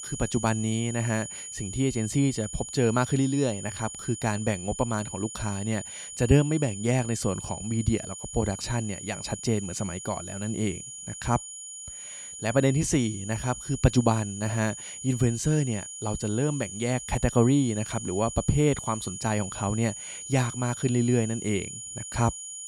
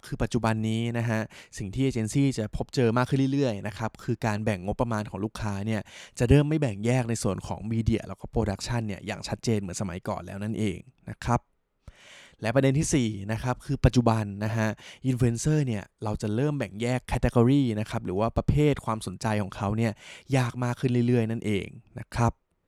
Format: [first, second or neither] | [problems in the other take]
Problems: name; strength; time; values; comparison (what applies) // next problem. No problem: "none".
second | high-pitched whine; loud; throughout; 7 kHz, 9 dB below the speech